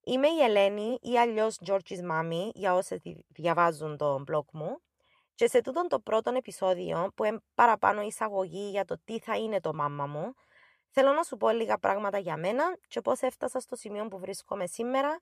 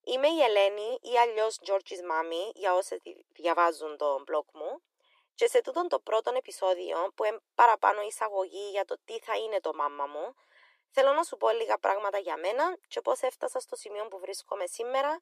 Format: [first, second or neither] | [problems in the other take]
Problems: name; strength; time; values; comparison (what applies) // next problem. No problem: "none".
first | thin; very; fading below 300 Hz